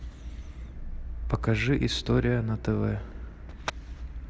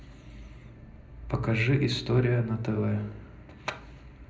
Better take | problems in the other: first | room echo; dies away in 0.5 s

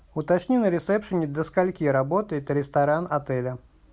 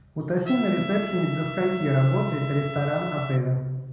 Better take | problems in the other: first | background sound (Trumpet); 12 dB below the speech // room echo; dies away in 1 s

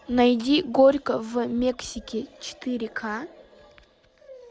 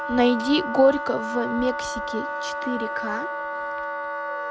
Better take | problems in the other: first | background sound (Wind instrument, woodwind instrument); 4 dB below the speech

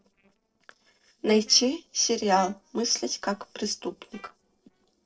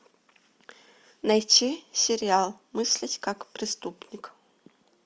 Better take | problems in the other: second | noise reduction (neural separator model SepFormer DNS4)

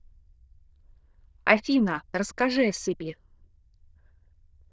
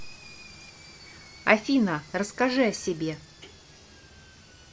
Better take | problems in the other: second | noise reduction (neural diffusion model UNIVERSE++)

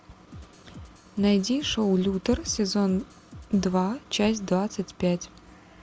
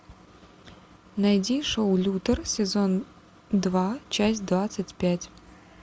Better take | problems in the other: second | background sound (Drum kit); 20 dB below the speech

